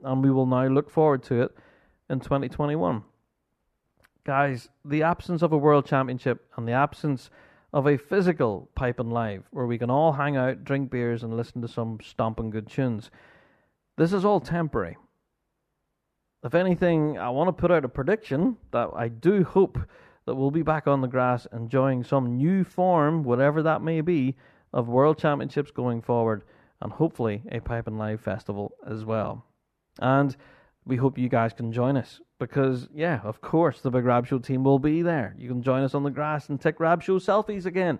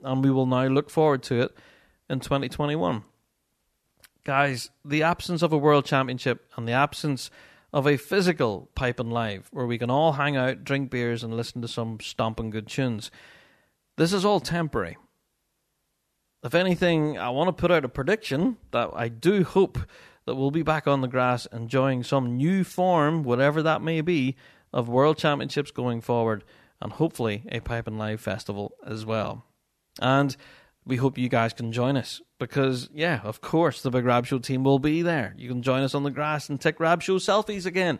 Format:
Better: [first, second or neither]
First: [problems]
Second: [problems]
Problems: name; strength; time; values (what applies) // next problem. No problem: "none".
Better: second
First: muffled; slightly; fading above 2.5 kHz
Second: none